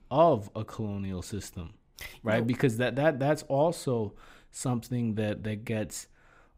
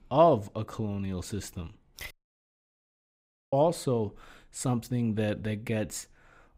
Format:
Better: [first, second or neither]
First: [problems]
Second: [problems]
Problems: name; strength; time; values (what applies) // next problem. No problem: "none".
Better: first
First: none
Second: audio cutting out; at 2 s for 1.5 s